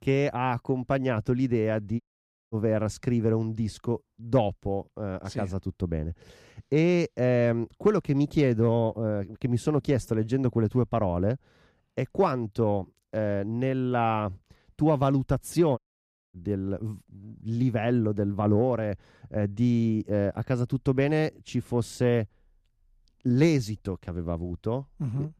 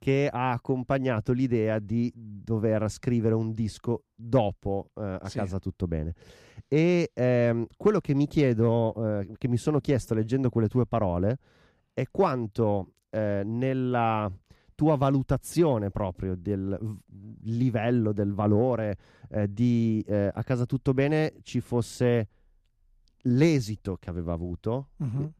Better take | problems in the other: second | audio cutting out; at 2 s for 0.5 s and at 16 s for 0.5 s

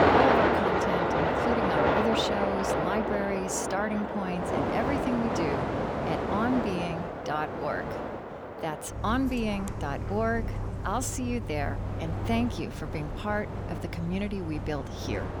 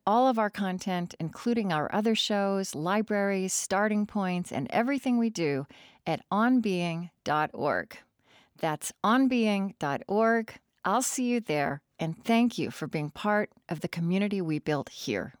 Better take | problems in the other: second | train or aircraft noise; very loud; throughout; 2 dB above the speech

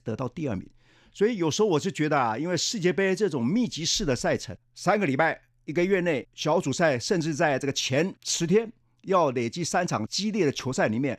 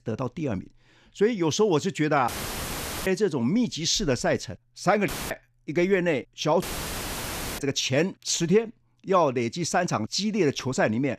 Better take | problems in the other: first | audio cutting out; filled with static; at 2.5 s for 1 s, at 5 s and at 6.5 s for 1 s

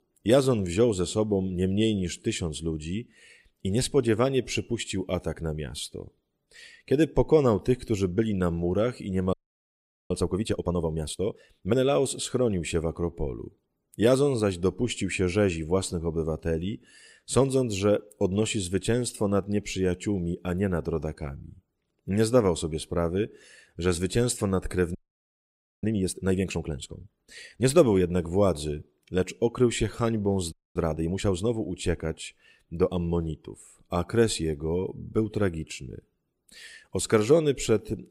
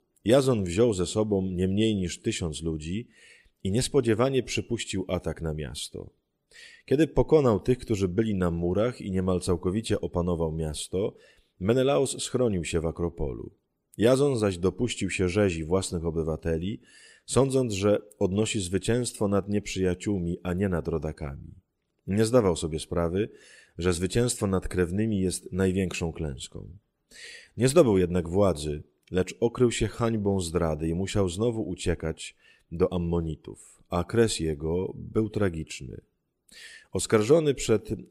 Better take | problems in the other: second | audio freezing; at 9.5 s for 1 s, at 25 s for 1 s and at 31 s

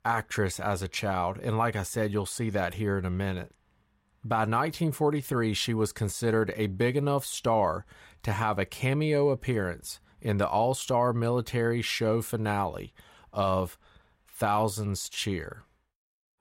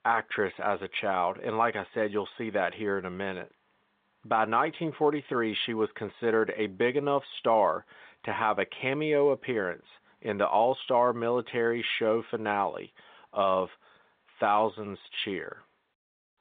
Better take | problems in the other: first | phone-call audio

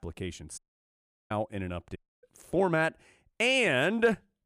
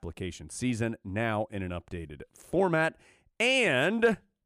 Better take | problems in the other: second | audio cutting out; at 0.5 s for 0.5 s and at 2 s

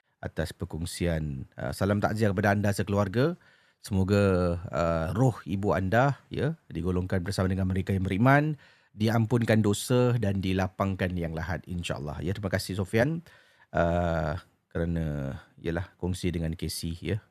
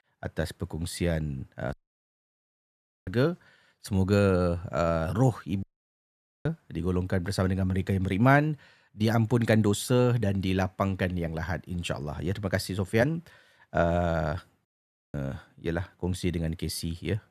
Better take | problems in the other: first | audio cutting out; at 1.5 s for 1.5 s, at 5.5 s for 1 s and at 15 s

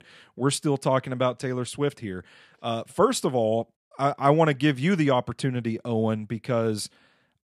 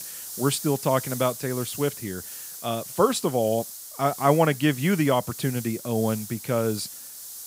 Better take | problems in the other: first | hiss; noticeable; throughout; 10 dB below the speech

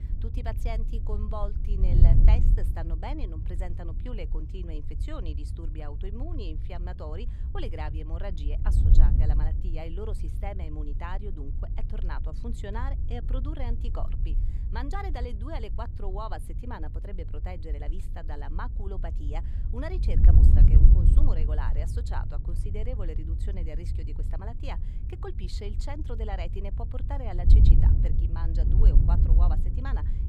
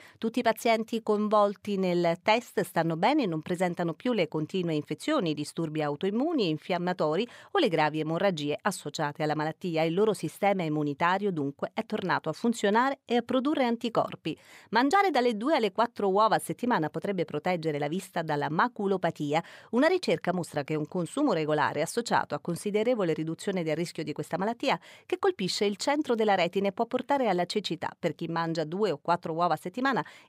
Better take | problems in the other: second | wind noise on the microphone; heavy; 4 dB below the speech

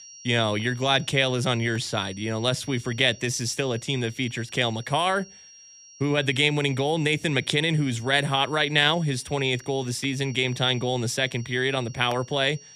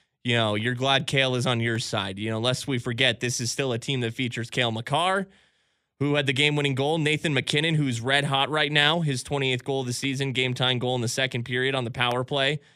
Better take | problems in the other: second | high-pitched whine; faint; throughout; 5.5 kHz, 20 dB below the speech

